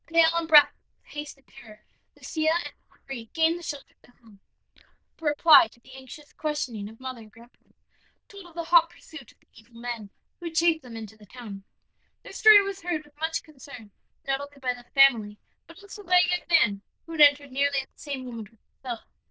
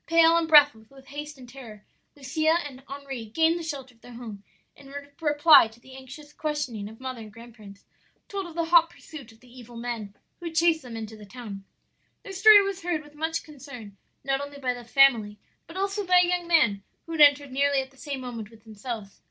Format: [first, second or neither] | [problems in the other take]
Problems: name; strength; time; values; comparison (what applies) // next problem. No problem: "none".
second | noise reduction (neural diffusion model UNIVERSE++)